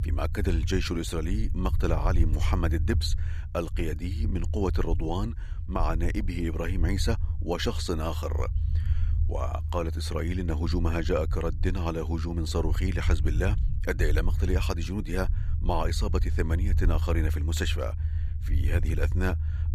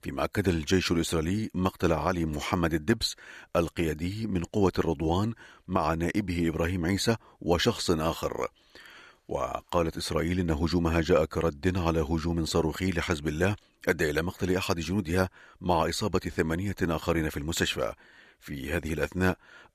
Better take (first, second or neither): second